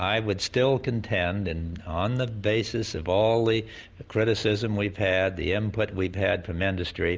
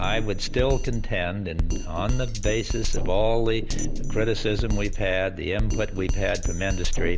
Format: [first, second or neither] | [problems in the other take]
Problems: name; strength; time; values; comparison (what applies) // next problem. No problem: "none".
first | background sound (Drum kit); 2 dB above the speech